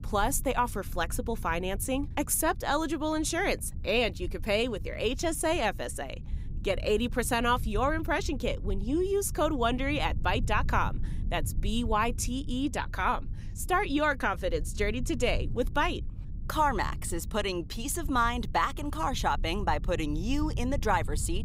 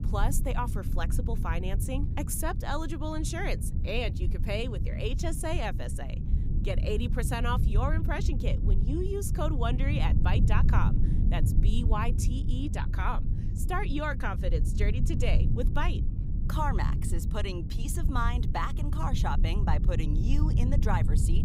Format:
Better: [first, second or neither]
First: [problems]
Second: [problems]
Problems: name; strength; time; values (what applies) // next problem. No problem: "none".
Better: first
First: low rumble; faint; throughout; 25 dB below the speech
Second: low rumble; loud; throughout; 9 dB below the speech